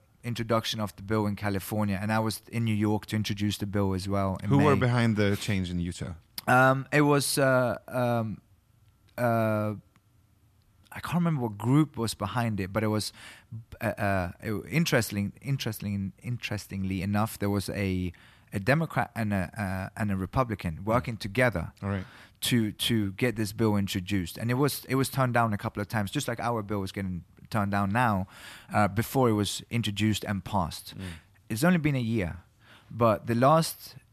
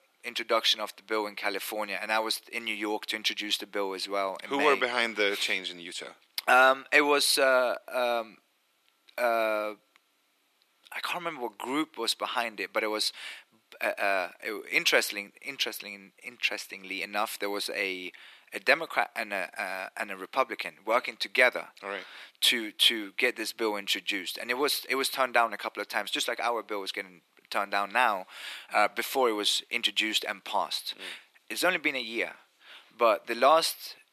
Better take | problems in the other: first | thin; very; fading below 350 Hz

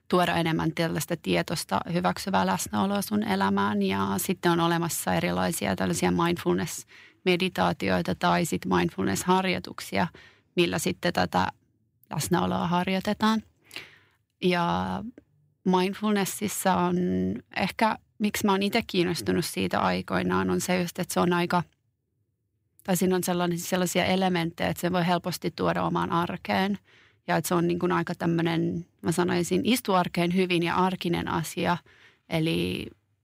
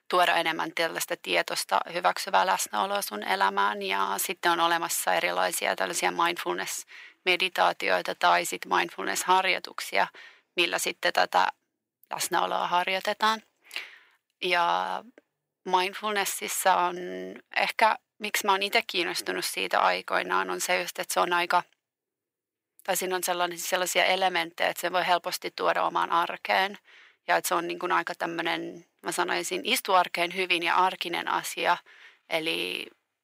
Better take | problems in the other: first | thin; very; fading below 600 Hz

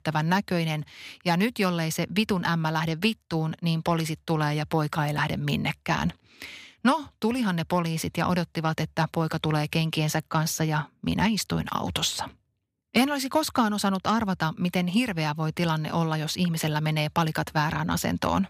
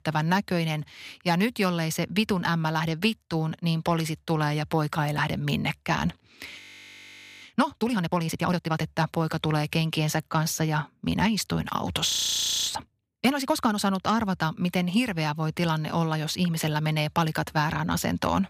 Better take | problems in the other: first | audio freezing; at 6.5 s for 1 s and at 12 s for 0.5 s

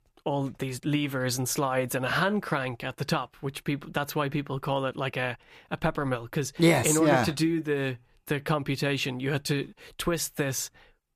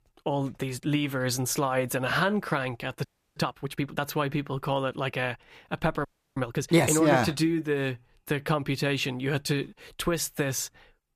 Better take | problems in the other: first | audio freezing; at 3 s and at 6 s

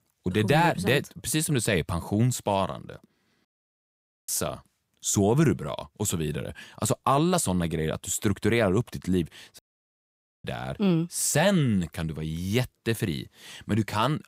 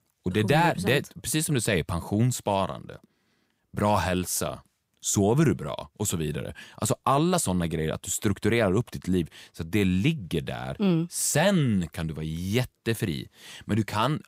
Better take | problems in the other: second | audio cutting out; at 3.5 s for 1 s and at 9.5 s for 1 s

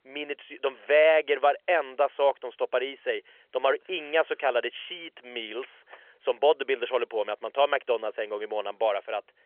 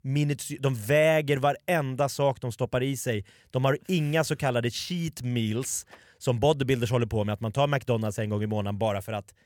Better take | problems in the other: second | phone-call audio; nothing above 3.5 kHz

